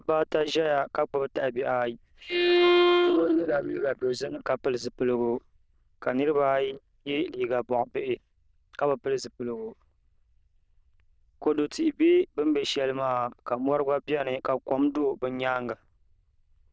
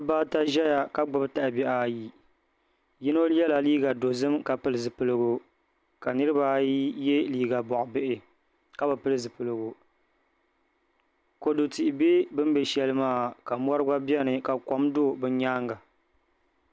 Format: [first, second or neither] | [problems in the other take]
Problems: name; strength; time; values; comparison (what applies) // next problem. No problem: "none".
second | noise reduction (neural diffusion model UNIVERSE++)